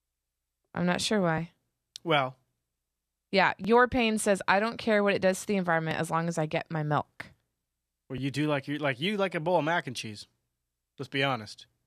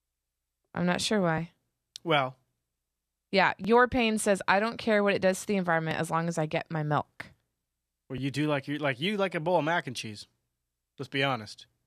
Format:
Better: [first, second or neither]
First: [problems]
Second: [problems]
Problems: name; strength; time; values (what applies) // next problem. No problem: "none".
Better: neither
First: none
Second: none